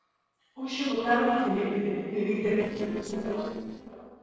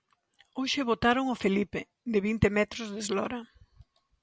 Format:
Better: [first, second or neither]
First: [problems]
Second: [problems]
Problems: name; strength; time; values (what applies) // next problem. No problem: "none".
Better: second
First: noise reduction (neural separator model SepFormer DNS4)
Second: none